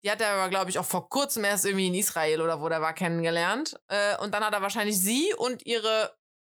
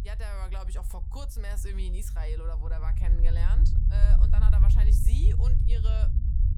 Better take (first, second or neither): first